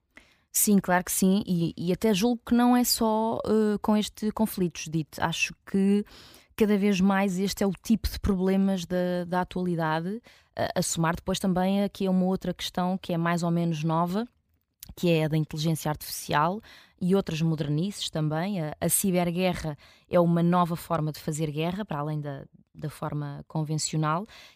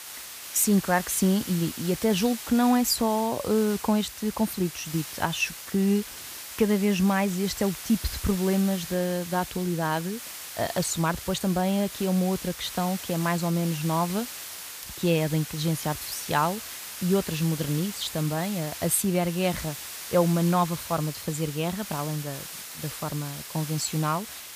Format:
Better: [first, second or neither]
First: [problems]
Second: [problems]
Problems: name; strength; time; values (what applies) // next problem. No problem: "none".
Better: first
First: none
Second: hiss; loud; throughout; 10 dB below the speech